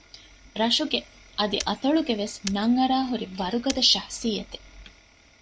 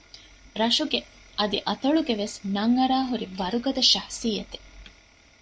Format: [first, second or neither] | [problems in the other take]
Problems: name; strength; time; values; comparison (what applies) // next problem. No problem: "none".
second | background sound (Shatter); 11 dB below the speech